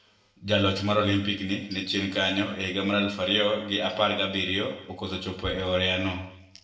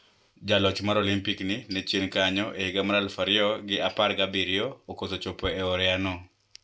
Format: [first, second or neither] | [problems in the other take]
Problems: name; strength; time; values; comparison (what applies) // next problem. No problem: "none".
second | room echo; dies away in 0.7 s